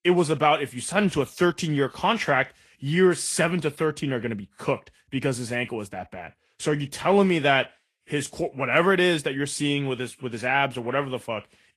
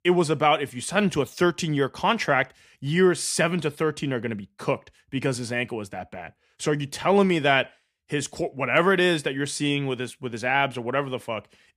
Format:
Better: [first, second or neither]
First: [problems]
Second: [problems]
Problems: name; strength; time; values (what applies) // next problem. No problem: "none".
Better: second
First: garbled, watery; slightly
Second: none